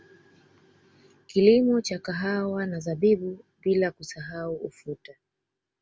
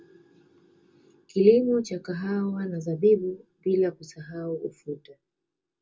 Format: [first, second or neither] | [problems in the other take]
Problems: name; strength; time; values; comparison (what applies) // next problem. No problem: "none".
first | room echo; dies away in 0.2 s